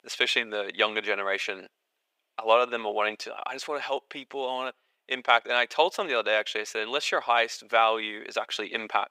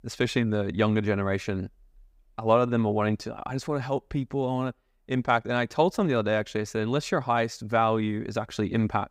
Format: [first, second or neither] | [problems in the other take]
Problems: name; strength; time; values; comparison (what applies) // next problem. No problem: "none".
second | thin; very; fading below 500 Hz